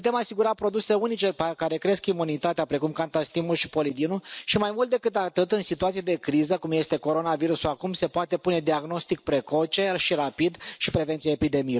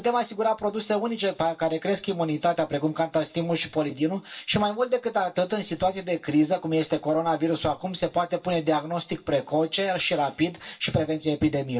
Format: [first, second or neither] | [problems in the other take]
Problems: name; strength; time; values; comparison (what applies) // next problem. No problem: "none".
first | room echo; dies away in 0.2 s